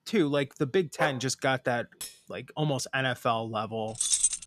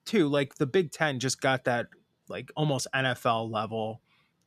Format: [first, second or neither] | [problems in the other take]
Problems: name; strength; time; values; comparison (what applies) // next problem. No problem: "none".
second | dog barking; noticeable; at 1 s; peak 5 dB below the speech // clattering dishes; faint; at 2 s; peak 10 dB below the speech // jangling keys; loud; at 4 s; peak 6 dB above the speech